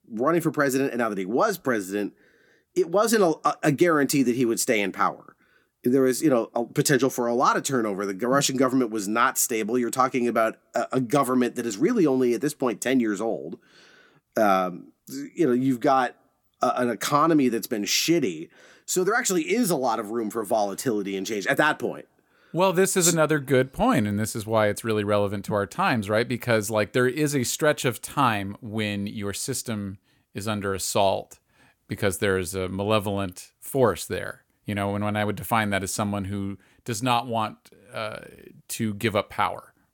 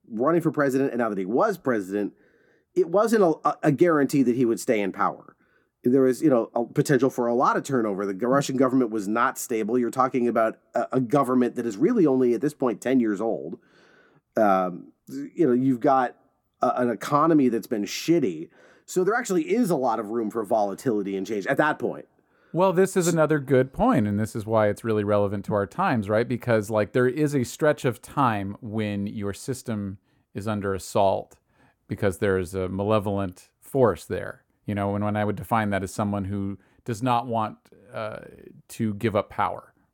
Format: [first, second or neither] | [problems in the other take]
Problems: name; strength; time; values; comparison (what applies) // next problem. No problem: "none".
first | muffled; slightly; fading above 2 kHz